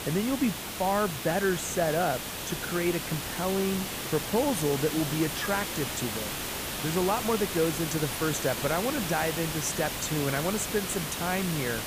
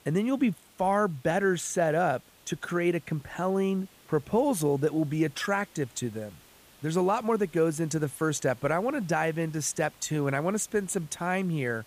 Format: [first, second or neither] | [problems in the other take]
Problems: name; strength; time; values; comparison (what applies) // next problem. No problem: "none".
second | hiss; loud; throughout; 3 dB below the speech; faint in the second